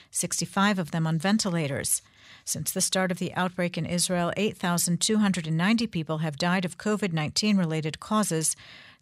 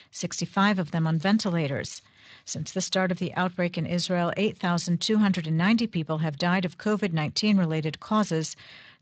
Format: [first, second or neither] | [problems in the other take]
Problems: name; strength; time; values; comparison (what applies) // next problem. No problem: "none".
first | garbled, watery; slightly; nothing above 7.5 kHz